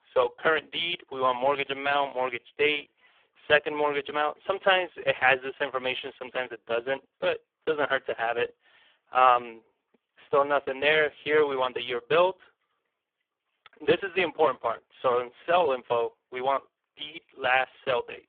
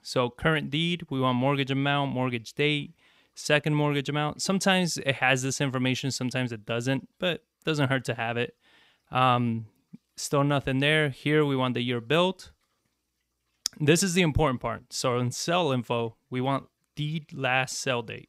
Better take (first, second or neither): second